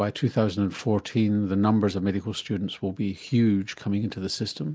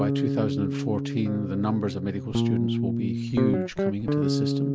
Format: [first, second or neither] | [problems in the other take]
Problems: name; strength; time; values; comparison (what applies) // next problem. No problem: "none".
first | background sound (Guitar); 3 dB above the speech